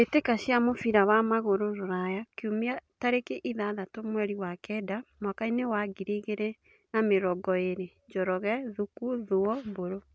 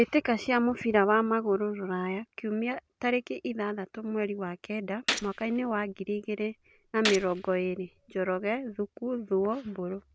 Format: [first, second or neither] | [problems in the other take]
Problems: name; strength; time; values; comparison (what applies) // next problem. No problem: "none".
first | background sound (Gunshot, gunfire); 9 dB below the speech